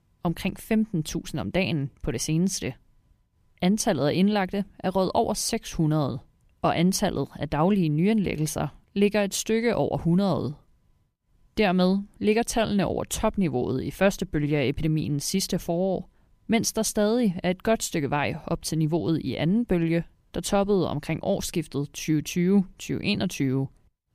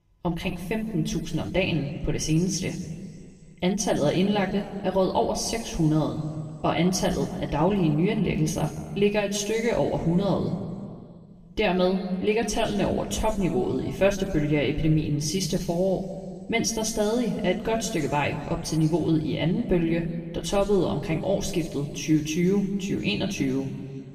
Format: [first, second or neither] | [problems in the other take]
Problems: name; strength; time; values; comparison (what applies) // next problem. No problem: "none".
first | room echo; noticeable; dies away in 1.9 s // off-mic speech; somewhat distant